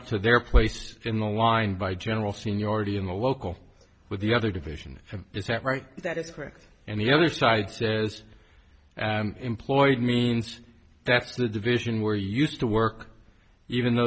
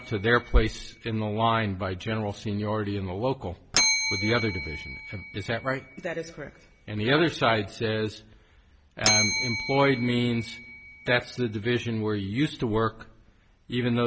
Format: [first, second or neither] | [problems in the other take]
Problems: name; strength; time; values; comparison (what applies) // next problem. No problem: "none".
first | background sound (Bell); 7 dB below the speech